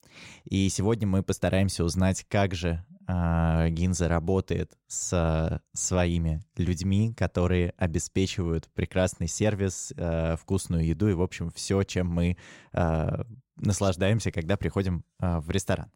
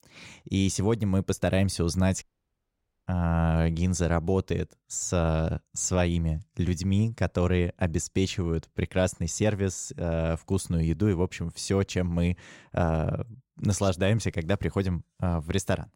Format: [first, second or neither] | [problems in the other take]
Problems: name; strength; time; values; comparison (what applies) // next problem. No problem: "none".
first | audio cutting out; at 2 s for 1 s